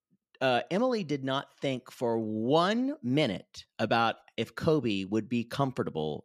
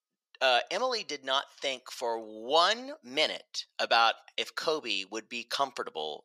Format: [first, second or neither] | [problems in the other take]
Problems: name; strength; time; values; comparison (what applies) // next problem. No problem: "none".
first | thin; very; fading below 750 Hz